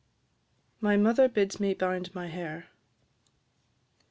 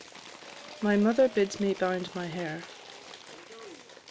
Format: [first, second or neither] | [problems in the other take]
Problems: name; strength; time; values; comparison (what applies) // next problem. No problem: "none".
first | background sound (Applause / Crowd / Cheering); 16 dB below the speech